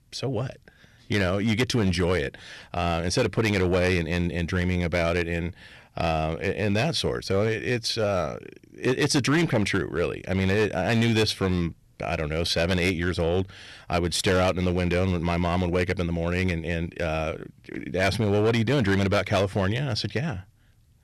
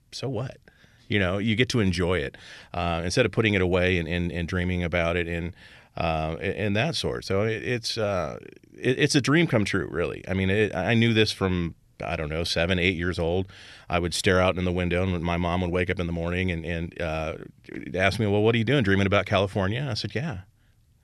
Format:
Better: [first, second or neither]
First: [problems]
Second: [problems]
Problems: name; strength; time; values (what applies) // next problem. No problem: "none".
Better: second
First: distortion; slight; 6% of the sound clipped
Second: none